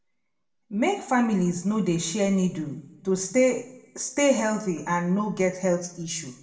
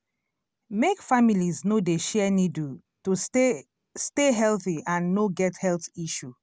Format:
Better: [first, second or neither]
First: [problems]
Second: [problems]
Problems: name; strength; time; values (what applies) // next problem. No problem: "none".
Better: second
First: room echo; dies away in 0.6 s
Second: none